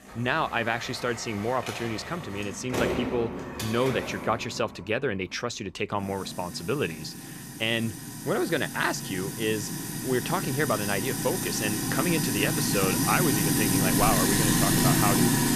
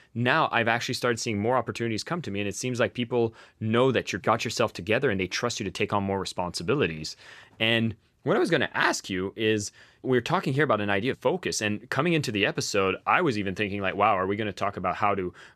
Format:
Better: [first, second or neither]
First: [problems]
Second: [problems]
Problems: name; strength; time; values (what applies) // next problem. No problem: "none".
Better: second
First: household noises; very loud; throughout; 2 dB above the speech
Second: none